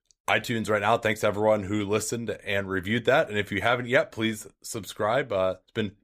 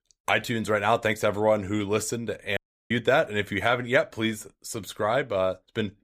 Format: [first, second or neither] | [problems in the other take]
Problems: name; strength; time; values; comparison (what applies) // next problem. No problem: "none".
first | audio cutting out; at 2.5 s